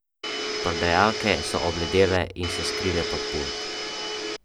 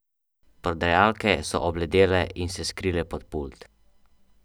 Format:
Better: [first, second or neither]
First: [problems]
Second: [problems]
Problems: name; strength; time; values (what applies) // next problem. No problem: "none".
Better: second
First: background sound (Domestic sounds, home sounds); 4 dB below the speech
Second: none